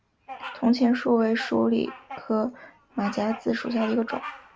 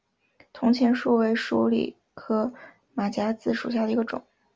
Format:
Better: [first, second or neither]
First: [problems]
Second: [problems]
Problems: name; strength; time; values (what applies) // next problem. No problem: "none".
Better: second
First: background sound (Bird vocalization, bird call, bird song); 16 dB below the speech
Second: none